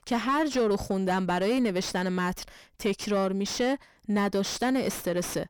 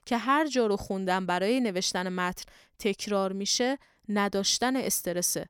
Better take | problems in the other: second | distortion; heavy; 7 dB below the speech

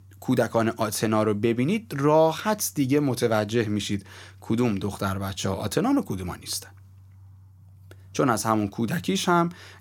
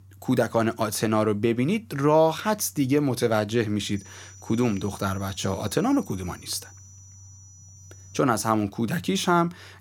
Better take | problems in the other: first | high-pitched whine; faint; from 4 to 8 s; 6 kHz, 25 dB below the speech

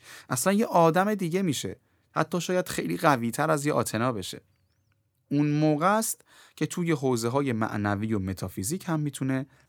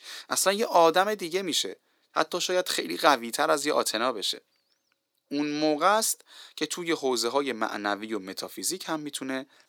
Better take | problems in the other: first | thin; somewhat; fading below 350 Hz

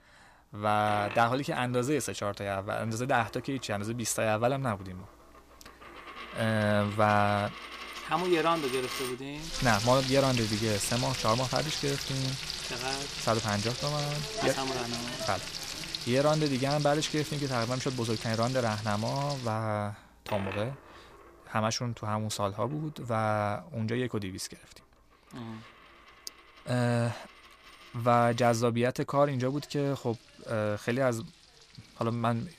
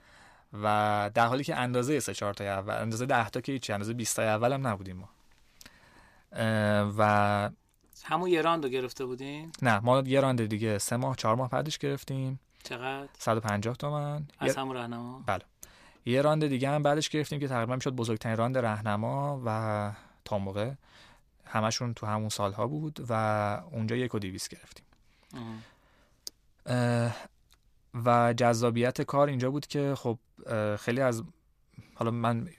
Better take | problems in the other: second | household noises; loud; throughout; 6 dB below the speech

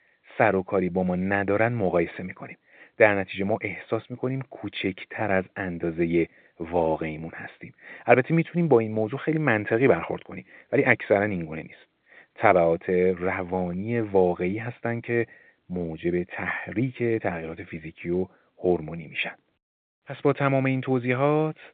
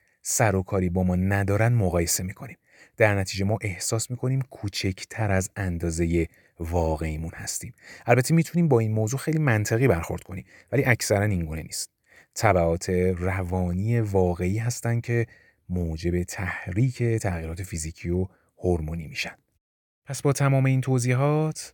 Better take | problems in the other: second | phone-call audio; nothing above 3.5 kHz

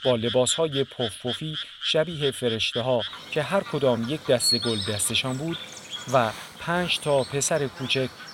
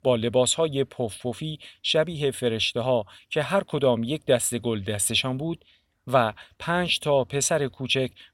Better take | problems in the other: second | animal sounds; loud; throughout; 7 dB below the speech

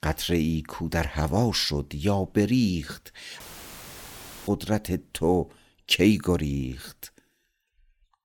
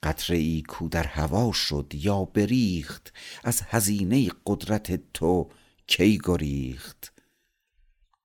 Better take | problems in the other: second | audio cutting out; filled with static; at 3.5 s for 1 s

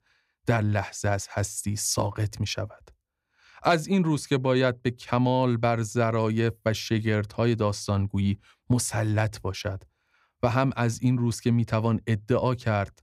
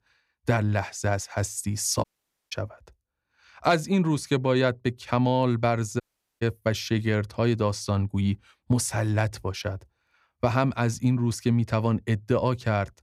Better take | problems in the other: first | audio cutting out; at 2 s and at 6 s

